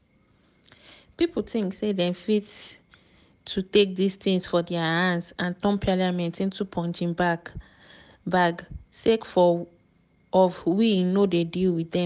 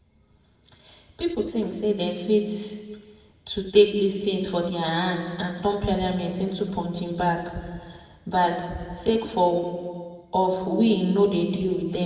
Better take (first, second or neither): first